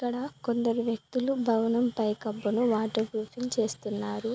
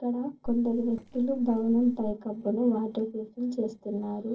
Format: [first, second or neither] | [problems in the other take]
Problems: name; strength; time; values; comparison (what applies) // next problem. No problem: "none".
first | noise reduction (neural separator model SepFormer DNS4)